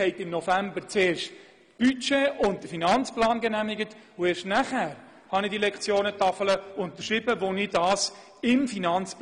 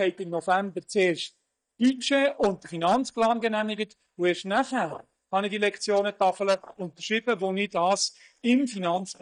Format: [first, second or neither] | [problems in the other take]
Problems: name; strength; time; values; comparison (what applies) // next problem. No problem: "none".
first | noise reduction (neural mask model DeepFilterNet 3)